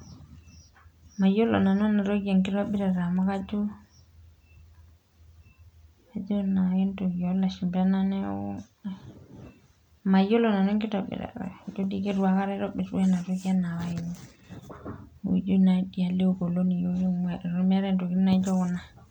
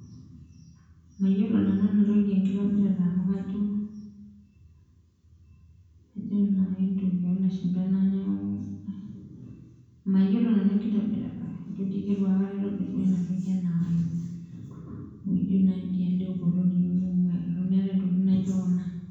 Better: first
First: none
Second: room echo; dies away in 1.1 s

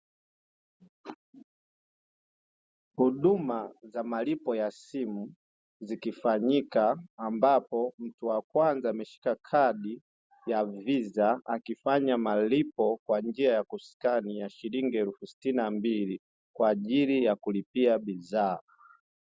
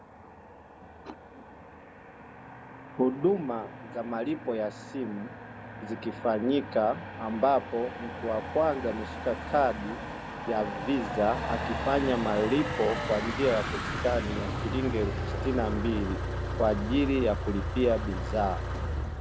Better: first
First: none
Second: background sound (Motor vehicle (road)); 5 dB below the speech

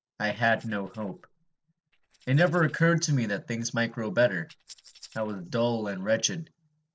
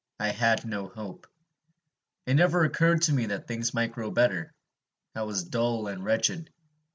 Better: second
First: noise reduction (neural separator model SepFormer DNS4)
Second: none

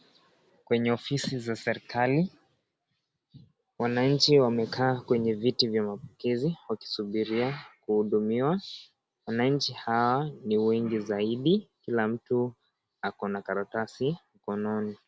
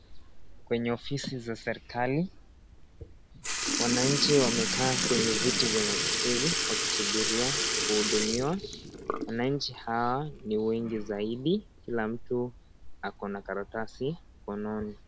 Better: first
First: none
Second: background sound (Sink (filling or washing) / Liquid); 1 dB below the speech

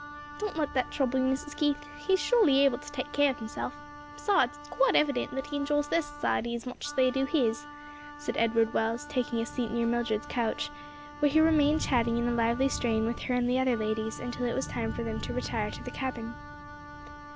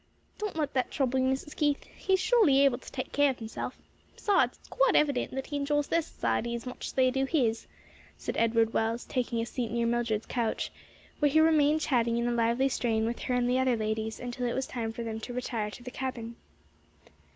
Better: second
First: background sound (Wind instrument, woodwind instrument + Thunder); 12 dB below the speech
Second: none

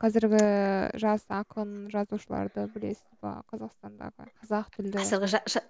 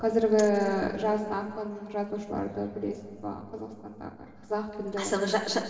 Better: first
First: none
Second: room echo; dies away in 2.6 s

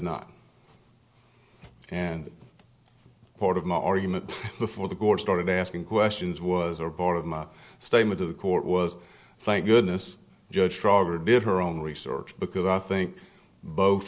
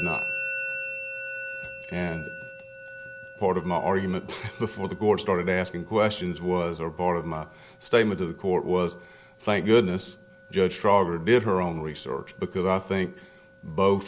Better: first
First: none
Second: background sound (Musical instrument); 13 dB below the speech

